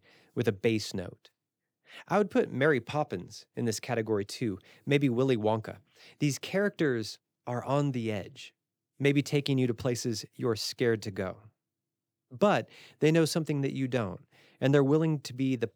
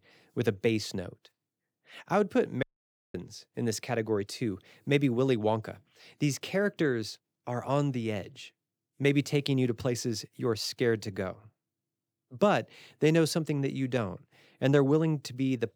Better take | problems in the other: first | audio cutting out; at 2.5 s for 0.5 s

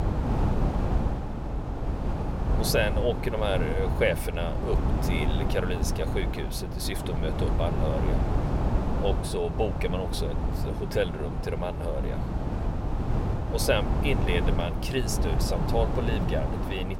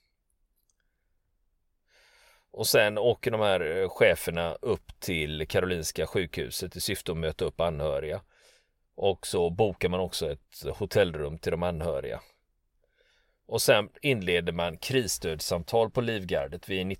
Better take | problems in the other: second | wind noise on the microphone; heavy; 4 dB below the speech

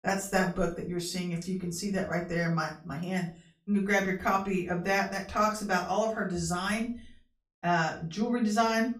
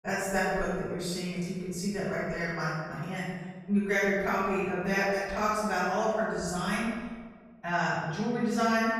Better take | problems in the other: first | room echo; strong; dies away in 1.3 s; slight in the first // off-mic speech; far; far in the first

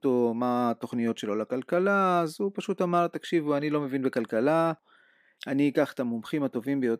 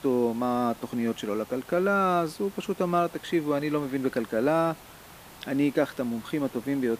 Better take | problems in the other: first | hiss; noticeable; throughout; 20 dB below the speech

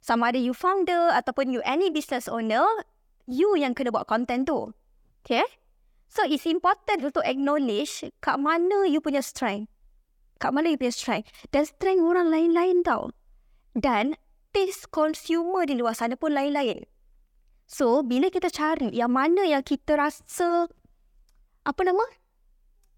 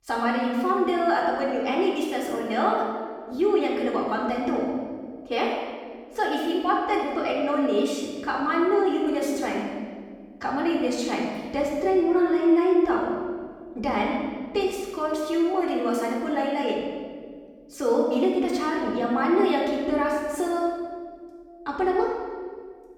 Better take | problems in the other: first | off-mic speech; far // room echo; noticeable; dies away in 1.5 s

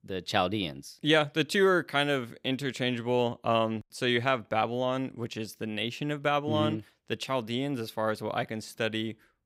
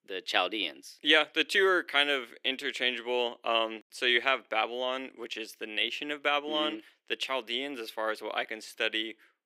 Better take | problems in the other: first | thin; somewhat; fading below 350 Hz

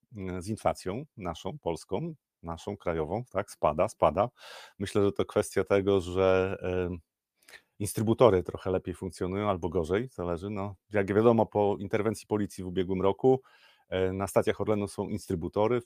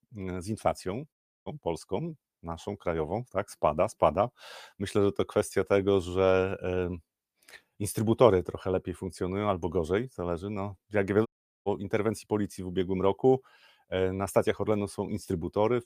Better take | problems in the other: first | audio cutting out; at 1 s and at 11 s

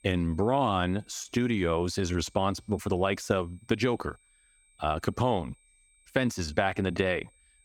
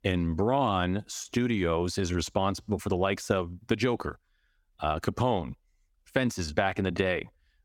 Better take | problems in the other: second | high-pitched whine; faint; throughout; 8.5 kHz, 35 dB below the speech

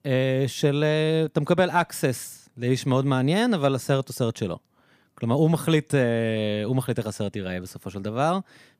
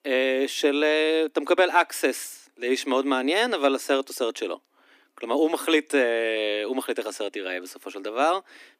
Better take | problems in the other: first | thin; somewhat; fading below 250 Hz

